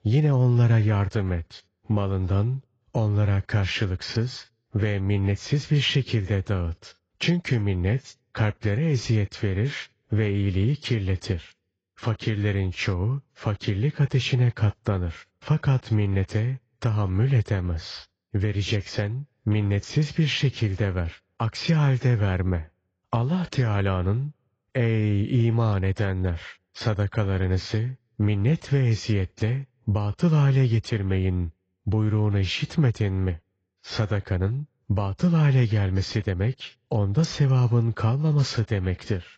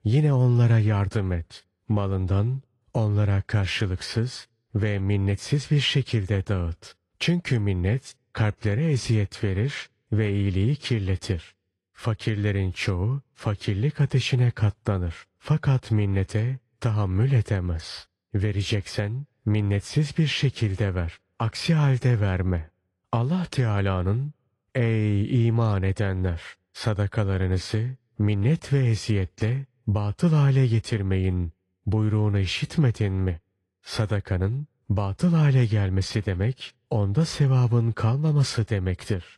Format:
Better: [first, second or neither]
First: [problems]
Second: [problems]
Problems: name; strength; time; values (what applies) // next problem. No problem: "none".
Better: second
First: garbled, watery; badly; nothing above 7.5 kHz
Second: garbled, watery; slightly; nothing above 11 kHz